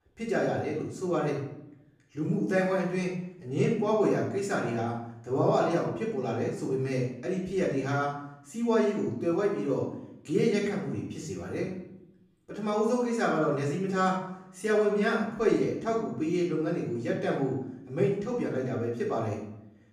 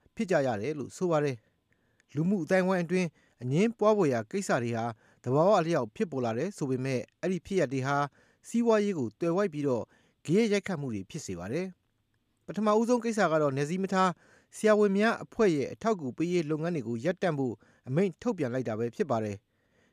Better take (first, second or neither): second